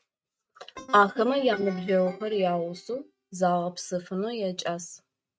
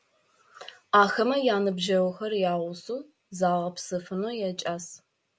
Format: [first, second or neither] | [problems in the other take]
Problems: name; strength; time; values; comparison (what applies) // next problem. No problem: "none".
second | noise reduction (neural mask model RNNoise)